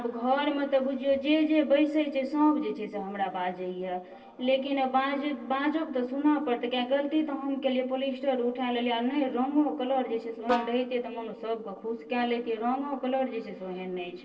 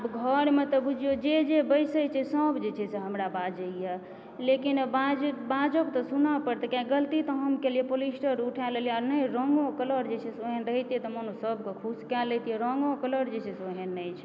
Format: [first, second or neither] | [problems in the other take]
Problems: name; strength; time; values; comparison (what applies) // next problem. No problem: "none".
second | noise reduction (neural separator model SepFormer DNS4)